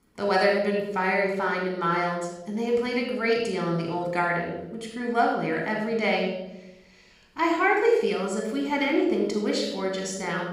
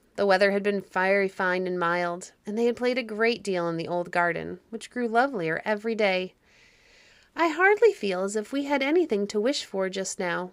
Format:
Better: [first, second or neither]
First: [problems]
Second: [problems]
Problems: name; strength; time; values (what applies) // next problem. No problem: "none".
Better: second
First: off-mic speech; somewhat distant // room echo; noticeable; dies away in 0.8 s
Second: none